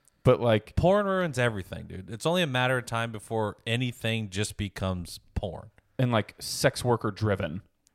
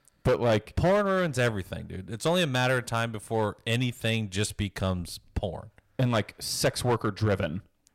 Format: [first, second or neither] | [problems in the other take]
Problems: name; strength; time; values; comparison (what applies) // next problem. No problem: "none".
first | distortion; slight; 5% of the sound clipped